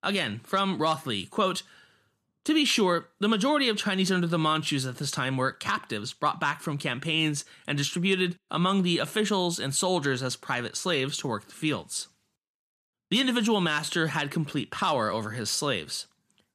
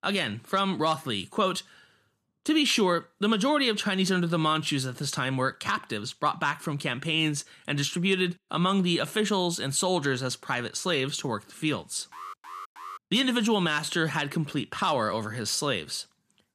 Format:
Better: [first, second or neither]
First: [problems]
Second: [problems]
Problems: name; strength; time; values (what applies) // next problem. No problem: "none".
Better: first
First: none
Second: alarm; faint; at 12 s; peak 15 dB below the speech